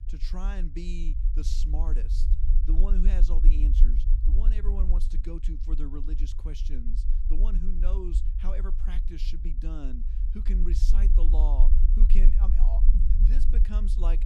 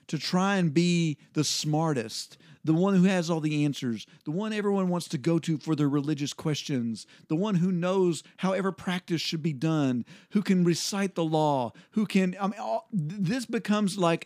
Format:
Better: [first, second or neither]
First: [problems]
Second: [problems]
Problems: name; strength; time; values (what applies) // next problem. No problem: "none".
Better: second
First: low rumble; loud; throughout; 6 dB below the speech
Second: none